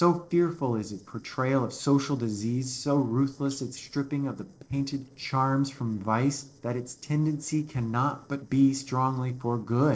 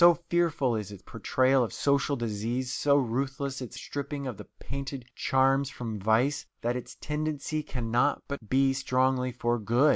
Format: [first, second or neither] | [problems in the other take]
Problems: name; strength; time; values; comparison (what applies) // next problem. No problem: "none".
second | noise reduction (neural separator model SepFormer DNS4)